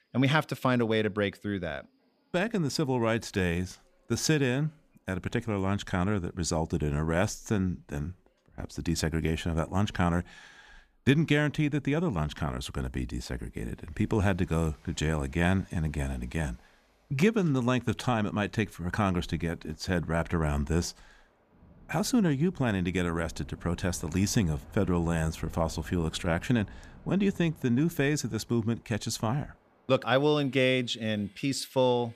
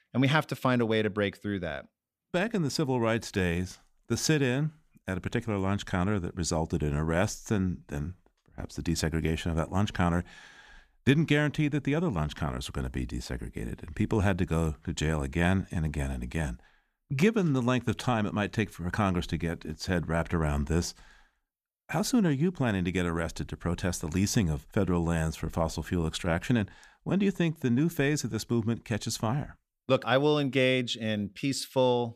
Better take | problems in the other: second | train or aircraft noise; faint; throughout; 25 dB below the speech

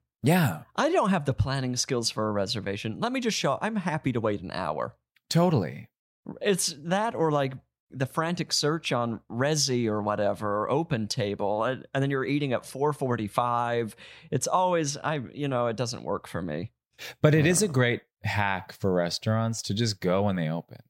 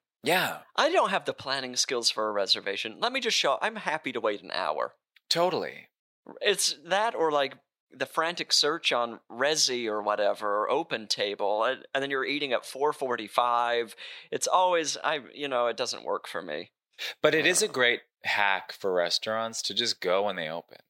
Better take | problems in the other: first | thin; very; fading below 450 Hz

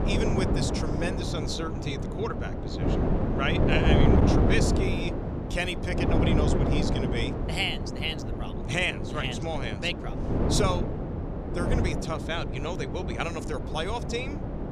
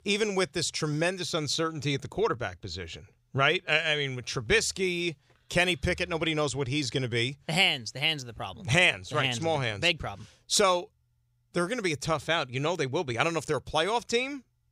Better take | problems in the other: second | wind noise on the microphone; heavy; 1 dB below the speech

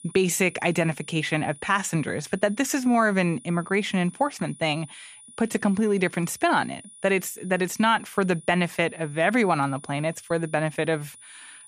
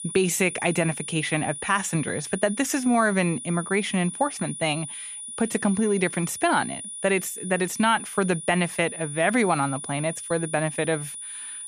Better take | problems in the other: first | high-pitched whine; loud; throughout; 9.5 kHz, 9 dB below the speech; faint in the first

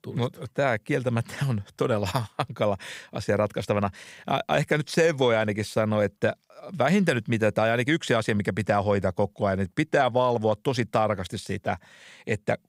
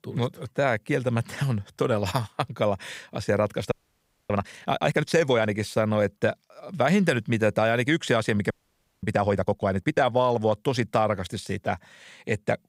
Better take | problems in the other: first | audio freezing; at 3.5 s for 0.5 s and at 8.5 s for 0.5 s

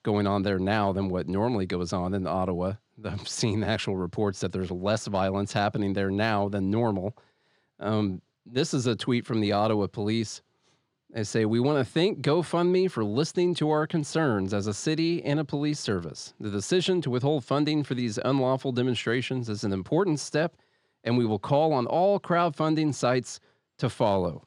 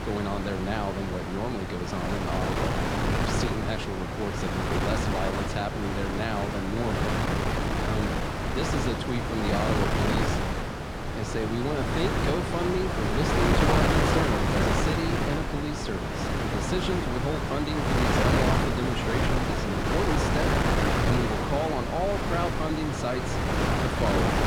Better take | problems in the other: first | wind noise on the microphone; heavy; 4 dB above the speech

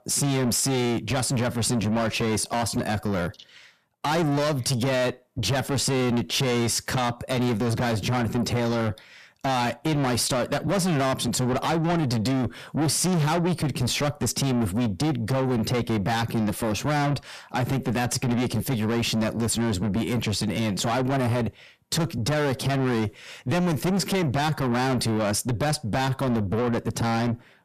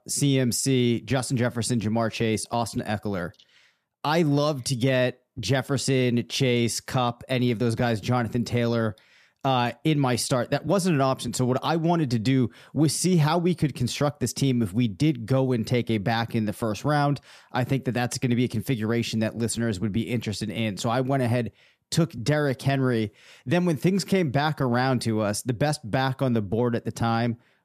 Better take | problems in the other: second | distortion; heavy; 6 dB below the speech

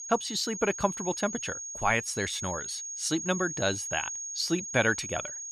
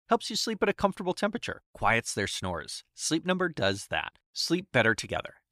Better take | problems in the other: second | high-pitched whine; loud; throughout; 6.5 kHz, 5 dB below the speech

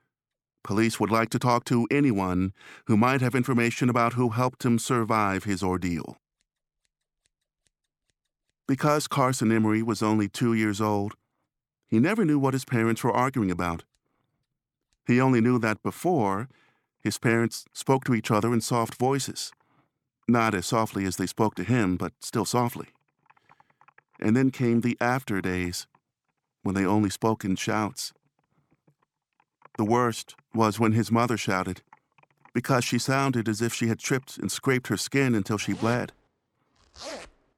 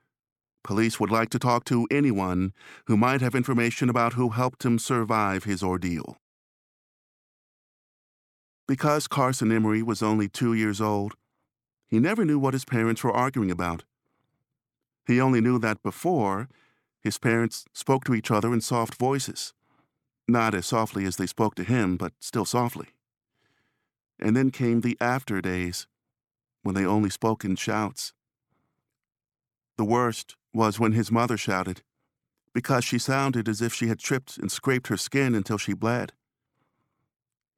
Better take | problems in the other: second | household noises; faint; throughout; 25 dB below the speech

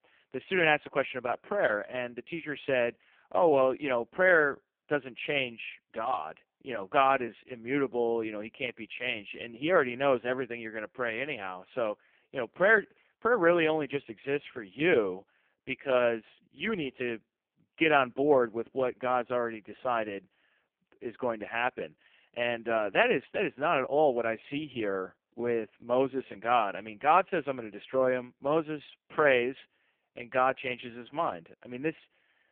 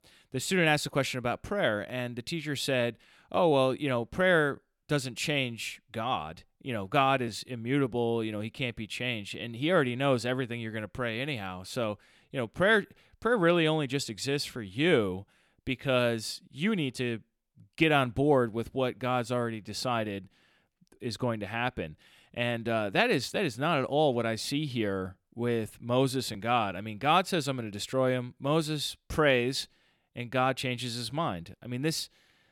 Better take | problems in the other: second | phone-call audio; poor line

